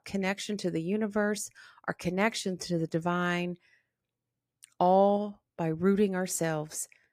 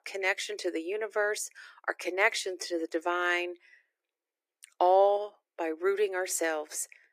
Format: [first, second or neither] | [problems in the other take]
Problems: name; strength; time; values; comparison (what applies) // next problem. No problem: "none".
first | thin; very; fading below 350 Hz